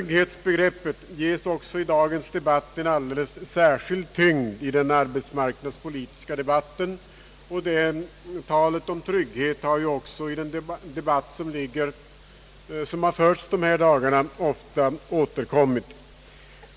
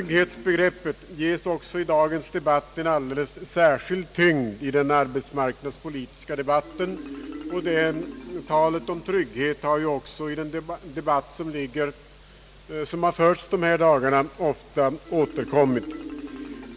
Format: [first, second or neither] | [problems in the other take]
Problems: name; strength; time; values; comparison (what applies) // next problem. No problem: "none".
first | background sound (Marimba, xylophone); 18 dB below the speech